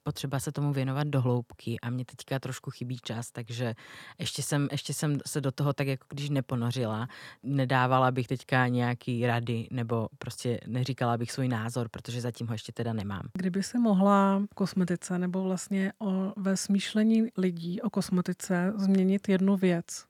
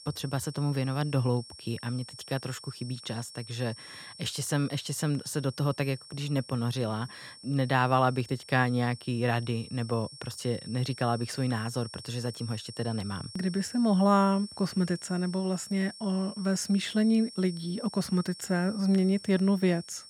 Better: first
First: none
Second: high-pitched whine; noticeable; throughout; 5.5 kHz, 15 dB below the speech

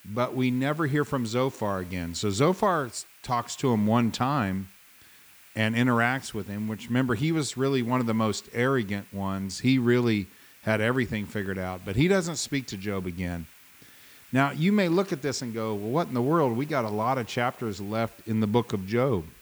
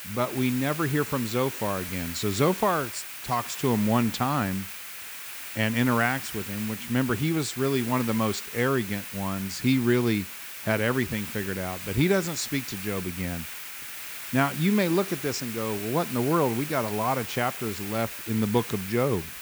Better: first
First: hiss; faint; throughout; 25 dB below the speech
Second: hiss; loud; throughout; 8 dB below the speech

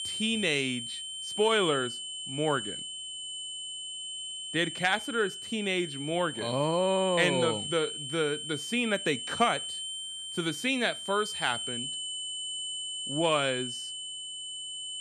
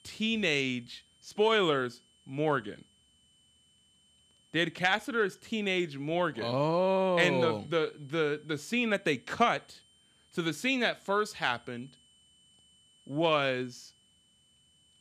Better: second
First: high-pitched whine; loud; throughout; 3 kHz, 6 dB below the speech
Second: high-pitched whine; faint; throughout; 3 kHz, 35 dB below the speech

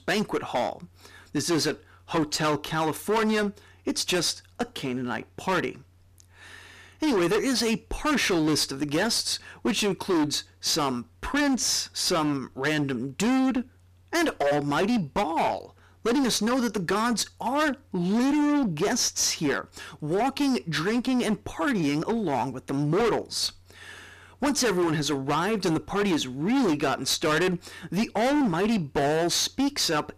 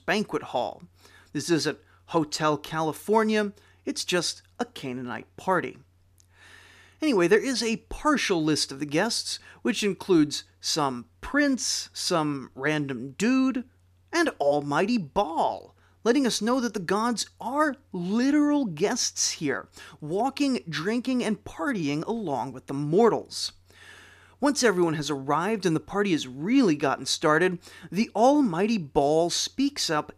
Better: second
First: distortion; heavy; 19% of the sound clipped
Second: none

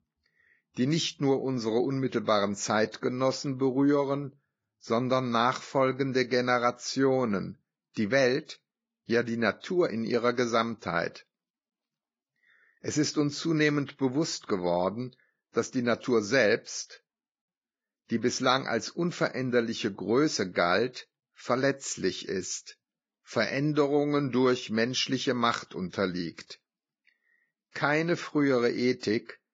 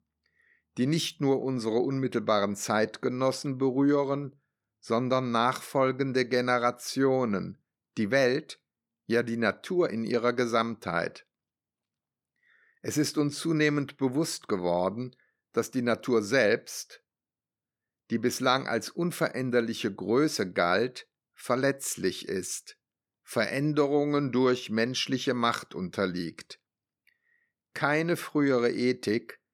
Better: second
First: garbled, watery; badly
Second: none

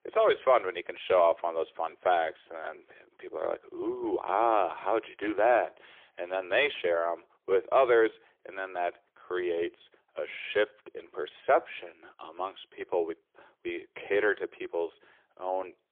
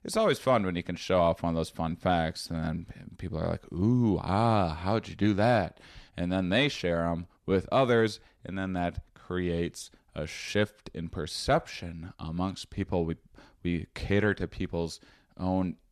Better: second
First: phone-call audio; poor line; nothing above 3.5 kHz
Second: none

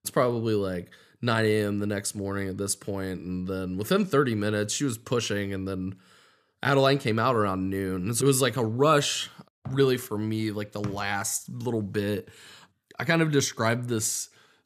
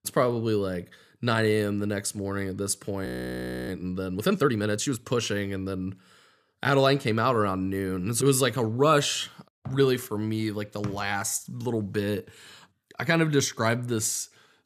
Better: first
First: none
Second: audio freezing; at 3 s for 0.5 s

